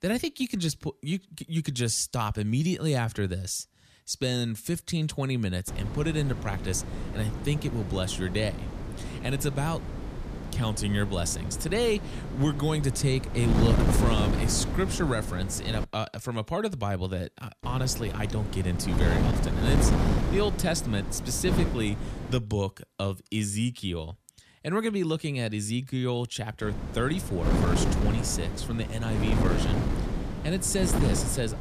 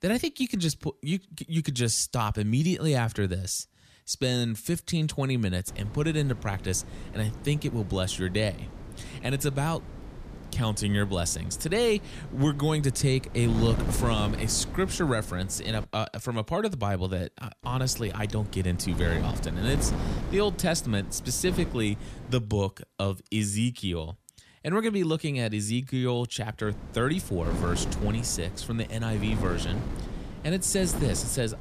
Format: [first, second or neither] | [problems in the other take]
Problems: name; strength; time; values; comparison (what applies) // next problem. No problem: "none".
second | wind noise on the microphone; heavy; from 5.5 to 16 s, from 18 to 22 s and from 27 s on; 4 dB below the speech; occasional gusts in the second